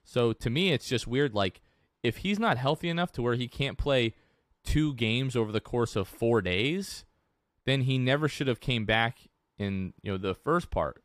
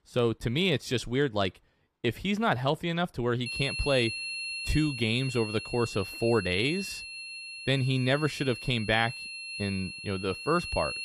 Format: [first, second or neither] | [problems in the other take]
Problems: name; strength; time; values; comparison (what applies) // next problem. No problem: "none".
first | high-pitched whine; loud; from 3.5 s on; 2.5 kHz, 7 dB below the speech